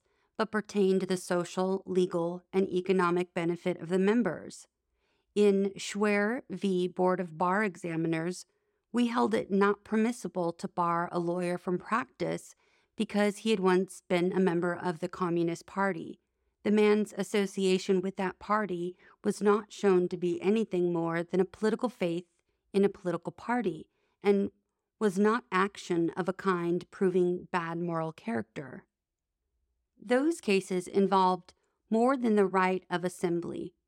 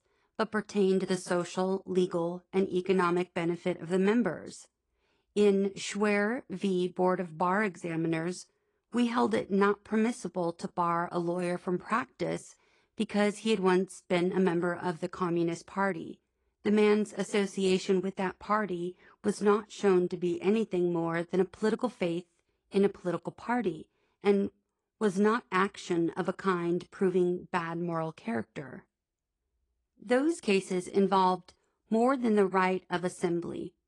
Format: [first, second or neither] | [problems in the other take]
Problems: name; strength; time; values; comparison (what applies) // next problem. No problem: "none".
first | garbled, watery; slightly